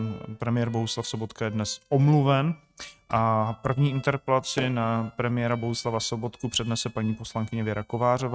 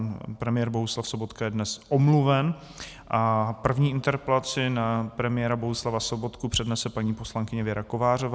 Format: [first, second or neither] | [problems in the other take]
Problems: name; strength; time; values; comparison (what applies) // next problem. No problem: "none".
second | noise reduction (neural mask model RNNoise)